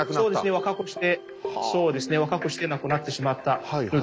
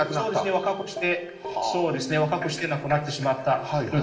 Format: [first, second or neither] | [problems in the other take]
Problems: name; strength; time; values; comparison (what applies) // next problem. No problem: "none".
first | room echo; dies away in 1.9 s